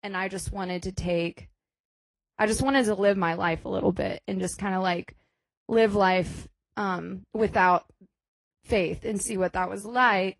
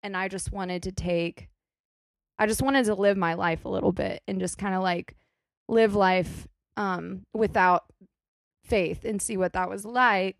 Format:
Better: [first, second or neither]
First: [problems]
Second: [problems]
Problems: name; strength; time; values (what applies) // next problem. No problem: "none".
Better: second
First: garbled, watery; slightly; nothing above 10.5 kHz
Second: none